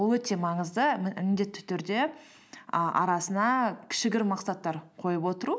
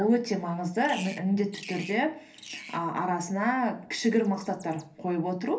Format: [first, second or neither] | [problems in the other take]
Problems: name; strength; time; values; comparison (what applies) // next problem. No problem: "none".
first | background sound (Bird vocalization, bird call, bird song); 19 dB below the speech // room echo; dies away in 0.3 s